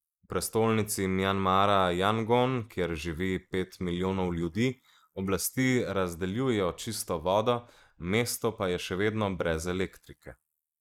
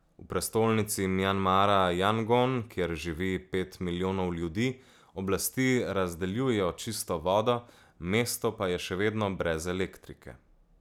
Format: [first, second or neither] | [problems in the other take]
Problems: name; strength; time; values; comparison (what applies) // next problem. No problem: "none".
second | noise reduction (neural mask model Resemble Enhance denoiser)